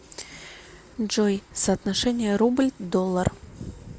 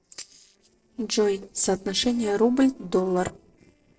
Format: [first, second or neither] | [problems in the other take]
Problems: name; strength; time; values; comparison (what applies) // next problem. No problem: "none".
first | noise reduction (neural separator model SepFormer DNS4)